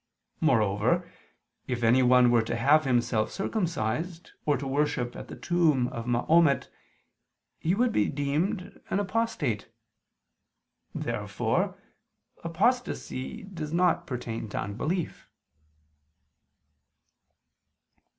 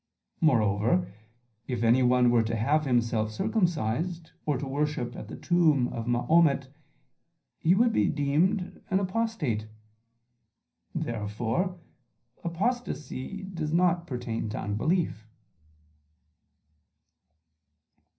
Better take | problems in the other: first | room echo; dies away in 0.5 s

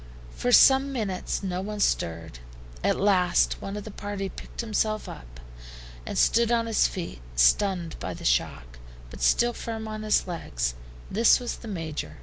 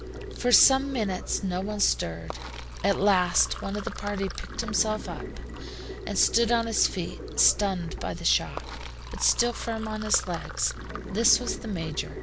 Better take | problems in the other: first | background sound (Sink (filling or washing)); 13 dB below the speech

